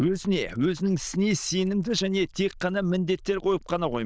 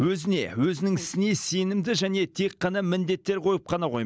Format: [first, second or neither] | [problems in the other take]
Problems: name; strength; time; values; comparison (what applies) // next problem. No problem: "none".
second | noise reduction (neural diffusion model UNIVERSE++)